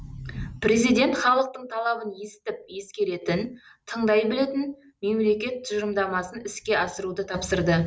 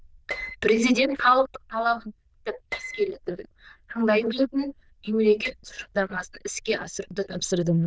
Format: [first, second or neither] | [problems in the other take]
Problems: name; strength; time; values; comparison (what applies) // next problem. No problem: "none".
first | noise reduction (neural diffusion model UNIVERSE++)